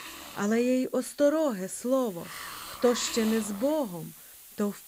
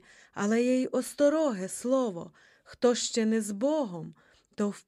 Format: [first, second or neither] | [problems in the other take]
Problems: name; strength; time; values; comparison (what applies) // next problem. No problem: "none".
second | hiss; noticeable; throughout; 15 dB below the speech